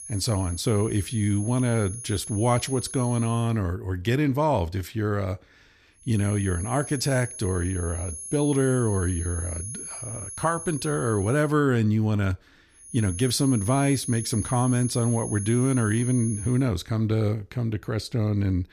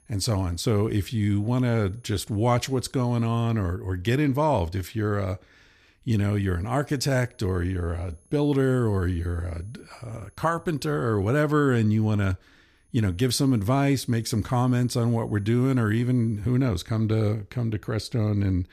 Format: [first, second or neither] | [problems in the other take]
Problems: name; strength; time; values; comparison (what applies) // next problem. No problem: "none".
second | high-pitched whine; loud; until 3.5 s, from 6 to 11 s and from 13 to 17 s; 10.5 kHz, 9 dB below the speech; faint in the second